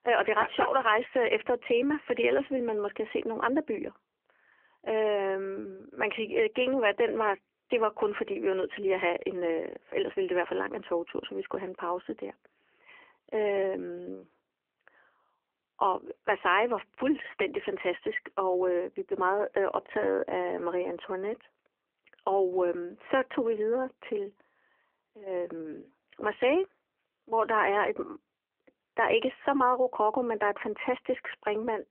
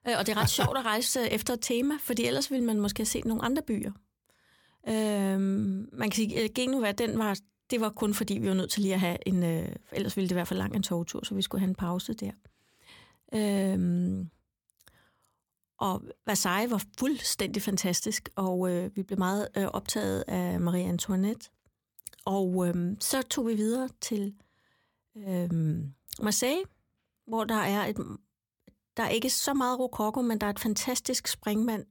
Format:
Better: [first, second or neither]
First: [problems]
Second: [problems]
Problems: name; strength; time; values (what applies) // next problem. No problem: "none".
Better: second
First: phone-call audio; nothing above 3 kHz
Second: none